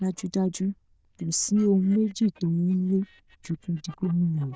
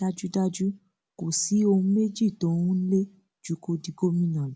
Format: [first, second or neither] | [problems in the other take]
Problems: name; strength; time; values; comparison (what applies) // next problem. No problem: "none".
second | noise reduction (neural diffusion model UNIVERSE++)